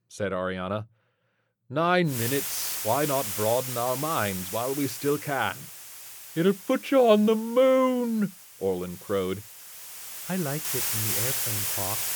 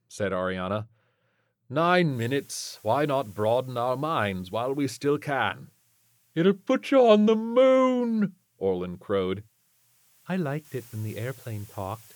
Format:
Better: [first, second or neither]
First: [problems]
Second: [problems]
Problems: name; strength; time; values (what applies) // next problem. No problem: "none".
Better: second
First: hiss; loud; from 2 s on; 3 dB below the speech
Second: hiss; faint; from 2 s on; 25 dB below the speech